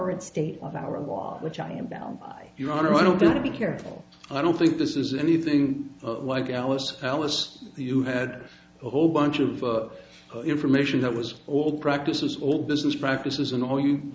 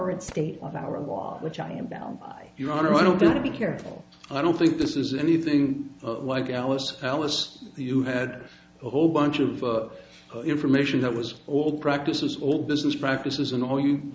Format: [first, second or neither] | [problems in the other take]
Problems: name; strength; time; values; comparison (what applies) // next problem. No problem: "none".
first | background sound (Tools); 19 dB below the speech